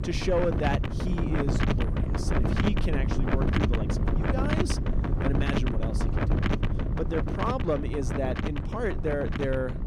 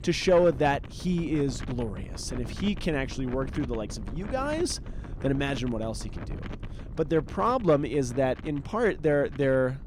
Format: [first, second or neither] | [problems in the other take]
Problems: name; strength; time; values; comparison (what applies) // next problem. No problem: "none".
second | wind noise on the microphone; heavy; 1 dB below the speech; occasional gusts in the second